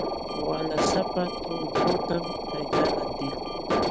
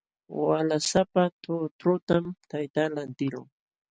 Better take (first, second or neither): second